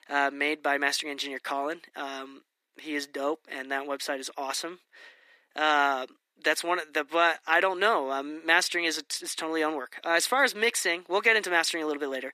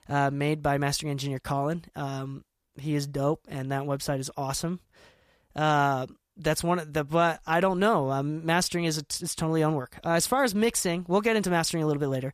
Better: second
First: thin; somewhat; fading below 300 Hz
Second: none

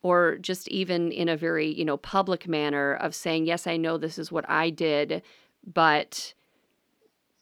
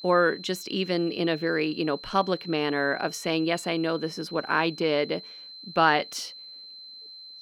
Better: first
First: none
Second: high-pitched whine; noticeable; throughout; 4 kHz, 15 dB below the speech

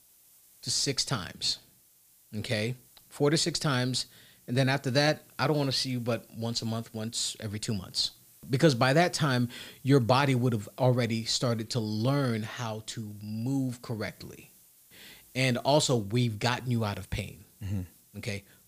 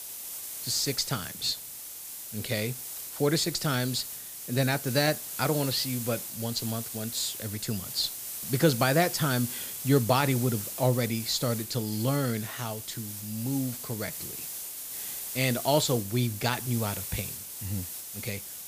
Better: first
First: hiss; faint; throughout; 25 dB below the speech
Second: hiss; loud; throughout; 6 dB below the speech

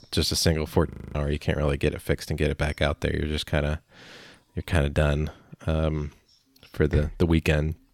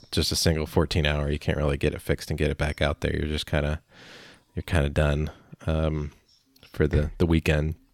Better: second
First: audio freezing; at 1 s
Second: none

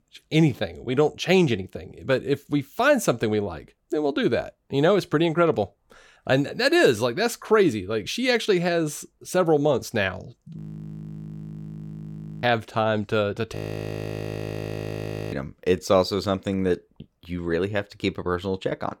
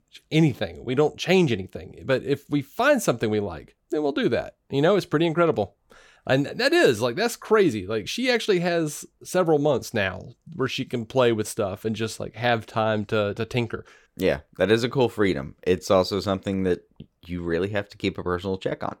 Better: second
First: audio freezing; at 11 s for 2 s and at 14 s for 2 s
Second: none

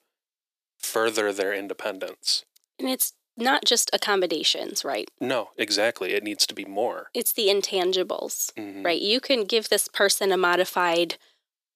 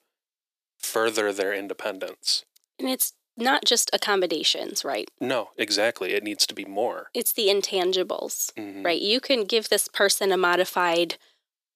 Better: neither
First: thin; somewhat; fading below 300 Hz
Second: thin; somewhat; fading below 300 Hz

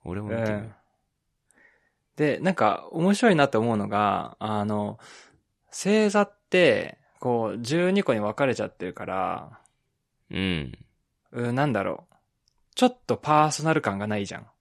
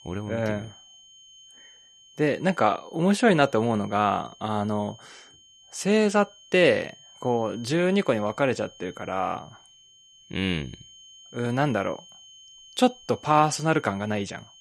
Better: first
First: none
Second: high-pitched whine; faint; throughout; 3 kHz, 25 dB below the speech

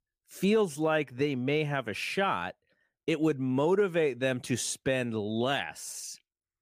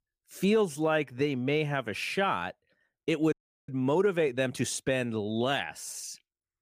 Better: first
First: none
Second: audio freezing; at 3.5 s

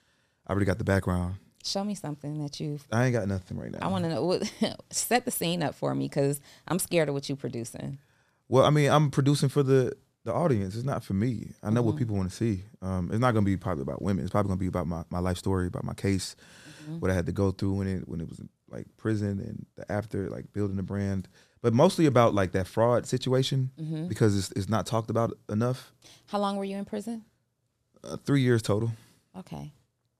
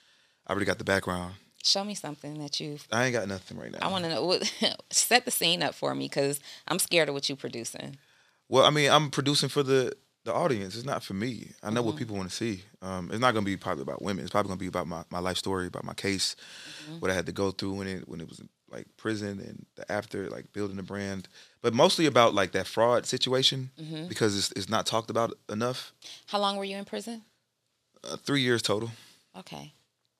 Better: first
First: none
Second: thin; very slightly; fading below 750 Hz

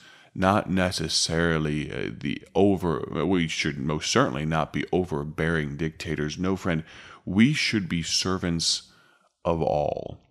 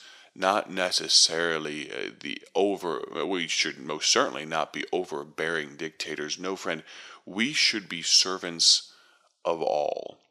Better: first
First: none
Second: thin; somewhat; fading below 450 Hz

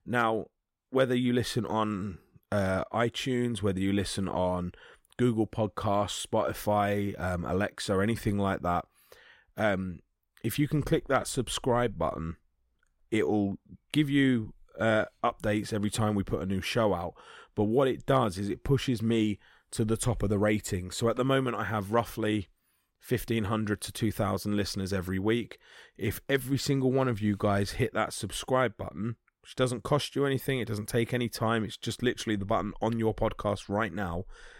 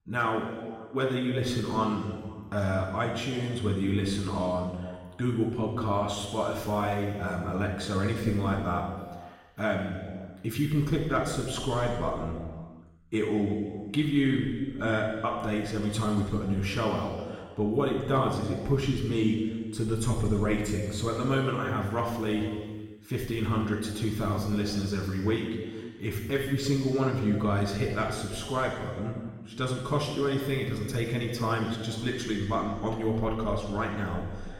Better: first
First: none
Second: room echo; noticeable; dies away in 1.6 s // off-mic speech; far

